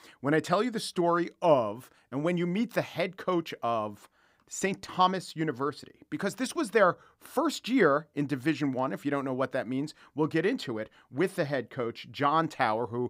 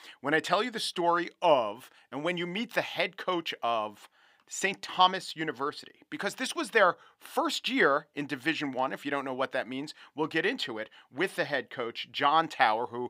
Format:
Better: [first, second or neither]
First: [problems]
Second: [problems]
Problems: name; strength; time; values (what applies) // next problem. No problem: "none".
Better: first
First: none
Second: thin; very slightly; fading below 750 Hz